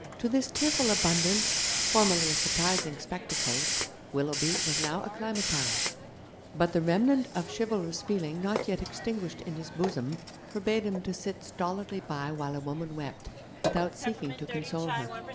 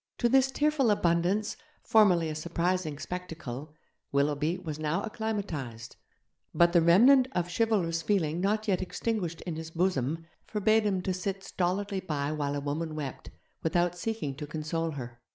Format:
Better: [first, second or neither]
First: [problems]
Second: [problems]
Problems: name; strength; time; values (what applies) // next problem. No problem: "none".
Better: second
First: background sound (Hiss); 2 dB below the speech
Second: none